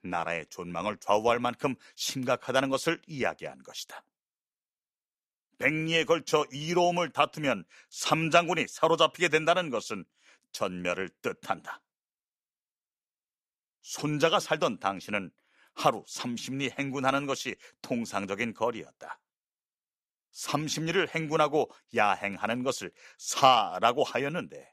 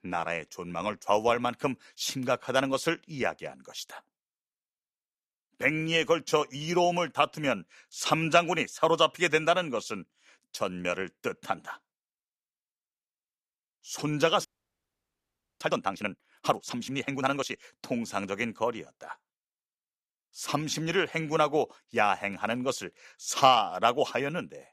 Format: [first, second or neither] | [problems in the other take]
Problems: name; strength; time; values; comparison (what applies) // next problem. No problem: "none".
first | audio freezing; at 14 s for 1 s